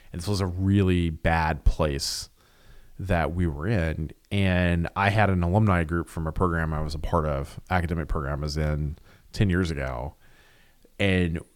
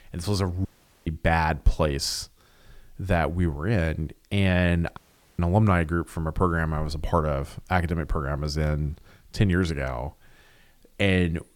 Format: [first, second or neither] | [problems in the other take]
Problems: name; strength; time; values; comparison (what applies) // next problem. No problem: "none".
first | audio cutting out; at 0.5 s and at 5 s